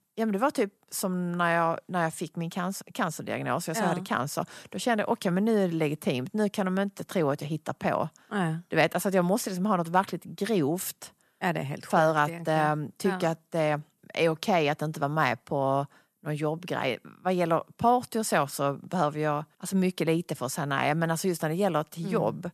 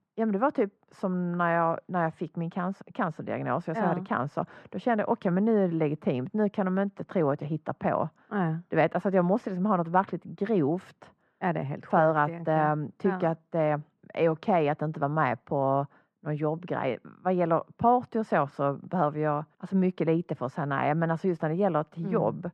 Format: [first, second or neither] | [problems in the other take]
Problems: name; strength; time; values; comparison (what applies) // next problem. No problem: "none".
first | muffled; very; fading above 1.5 kHz